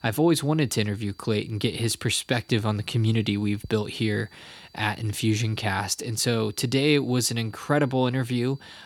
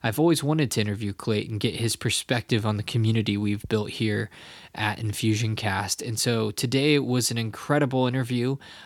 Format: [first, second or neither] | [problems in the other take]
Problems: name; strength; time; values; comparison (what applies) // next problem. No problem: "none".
second | high-pitched whine; faint; throughout; 4.5 kHz, 30 dB below the speech